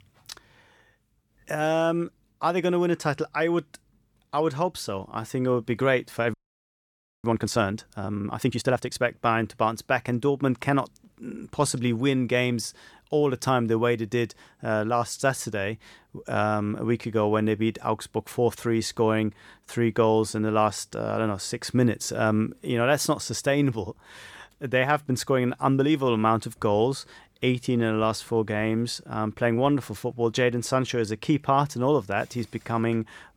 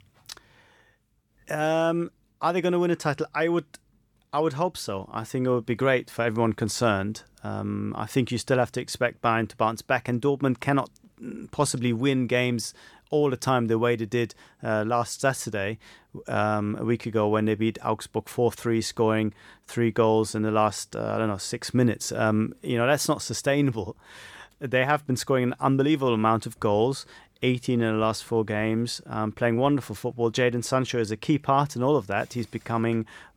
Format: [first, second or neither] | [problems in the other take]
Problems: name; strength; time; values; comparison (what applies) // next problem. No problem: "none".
second | audio freezing; at 6.5 s for 1 s